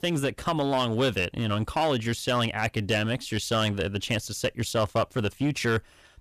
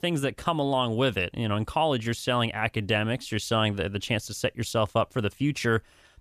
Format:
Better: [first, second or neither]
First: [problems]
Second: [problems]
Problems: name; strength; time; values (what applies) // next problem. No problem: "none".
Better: second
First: distortion; slight; 7% of the sound clipped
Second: none